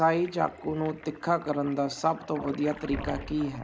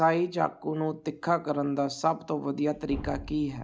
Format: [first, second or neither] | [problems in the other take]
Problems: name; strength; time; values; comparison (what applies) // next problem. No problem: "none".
second | background sound (Toilet flush); 17 dB below the speech